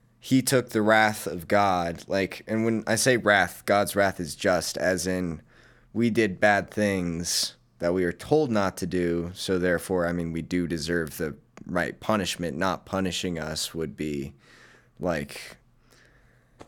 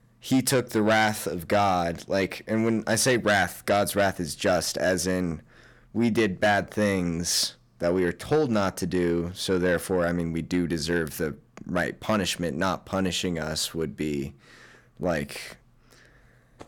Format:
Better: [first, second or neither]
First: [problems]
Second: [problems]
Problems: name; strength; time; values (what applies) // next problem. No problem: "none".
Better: first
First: none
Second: distortion; slight; 10 dB below the speech